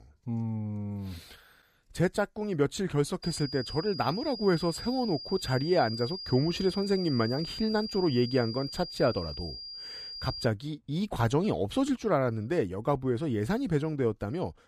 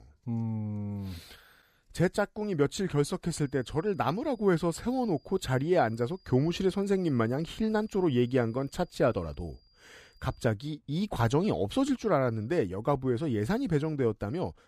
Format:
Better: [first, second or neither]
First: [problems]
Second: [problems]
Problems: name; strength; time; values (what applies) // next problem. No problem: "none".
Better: second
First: high-pitched whine; loud; from 3 to 10 s; 5 kHz, 9 dB below the speech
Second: high-pitched whine; faint; from 3 to 10 s; 5 kHz, 35 dB below the speech